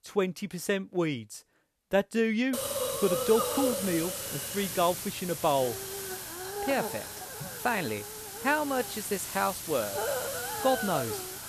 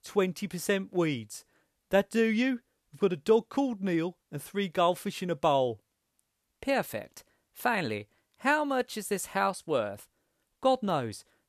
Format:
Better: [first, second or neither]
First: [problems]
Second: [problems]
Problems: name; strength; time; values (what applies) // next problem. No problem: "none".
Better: second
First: hiss; loud; from 2.5 s on; 3 dB below the speech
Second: none